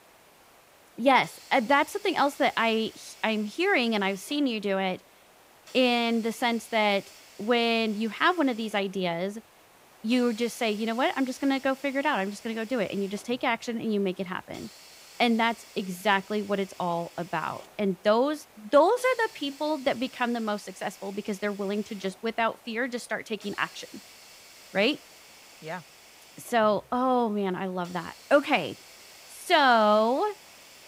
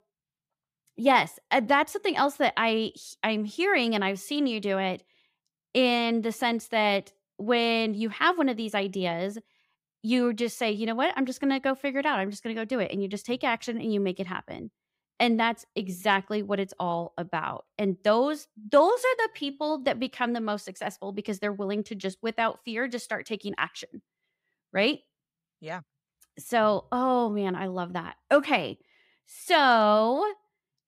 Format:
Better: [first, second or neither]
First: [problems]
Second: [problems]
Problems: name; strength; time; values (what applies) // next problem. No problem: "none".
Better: second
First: hiss; faint; throughout; 20 dB below the speech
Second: none